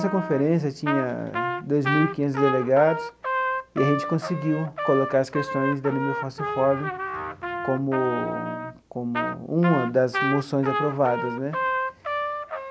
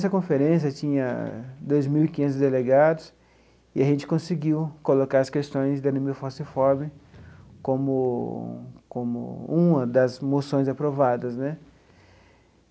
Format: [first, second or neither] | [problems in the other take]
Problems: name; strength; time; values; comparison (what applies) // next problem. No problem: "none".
second | background sound (Trumpet); 4 dB below the speech